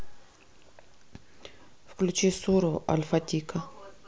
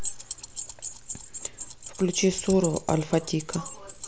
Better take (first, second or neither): first